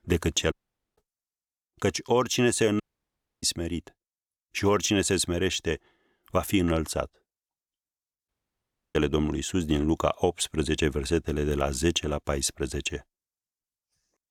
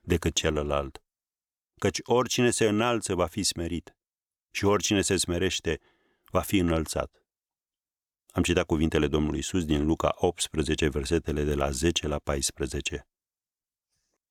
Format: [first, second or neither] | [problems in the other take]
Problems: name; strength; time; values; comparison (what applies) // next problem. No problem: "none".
second | audio cutting out; at 0.5 s, at 3 s for 0.5 s and at 8.5 s for 0.5 s